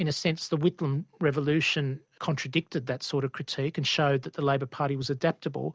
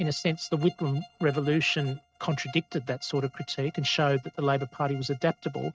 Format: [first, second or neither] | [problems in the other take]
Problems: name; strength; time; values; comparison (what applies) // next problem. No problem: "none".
first | noise reduction (neural mask model RNNoise)